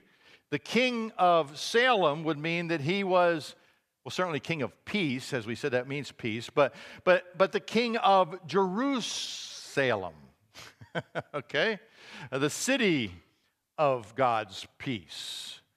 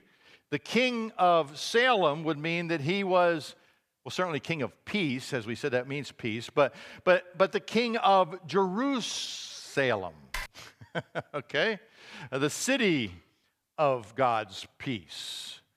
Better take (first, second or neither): first